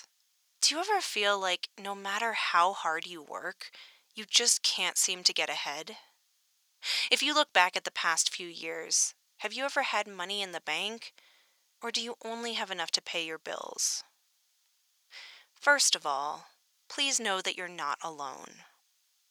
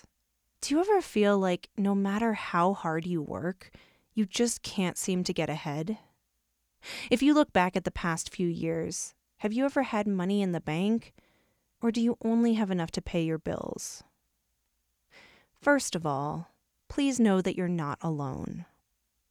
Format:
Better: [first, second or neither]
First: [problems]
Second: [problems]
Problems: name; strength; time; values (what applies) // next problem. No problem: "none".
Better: second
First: thin; very; fading below 950 Hz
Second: none